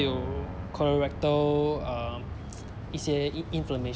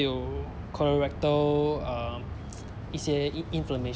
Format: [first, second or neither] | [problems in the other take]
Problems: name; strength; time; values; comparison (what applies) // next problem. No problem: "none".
second | background sound (Keyboard (musical)); 16 dB below the speech